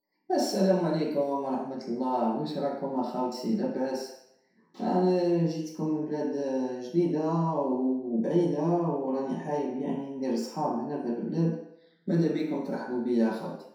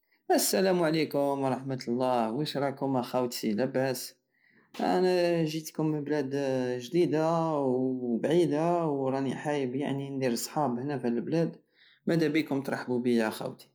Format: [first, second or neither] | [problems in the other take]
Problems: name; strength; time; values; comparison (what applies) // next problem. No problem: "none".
second | room echo; dies away in 0.7 s